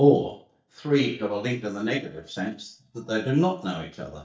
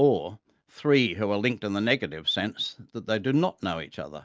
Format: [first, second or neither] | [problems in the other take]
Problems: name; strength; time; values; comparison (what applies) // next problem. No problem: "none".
second | noise reduction (neural mask model DeepFilterNet 3)